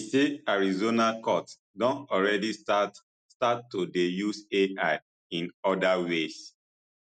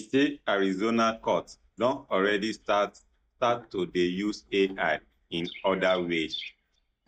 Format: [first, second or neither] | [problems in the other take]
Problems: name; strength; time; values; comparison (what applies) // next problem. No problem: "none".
first | noise reduction (neural mask model DeepFilterNet 3)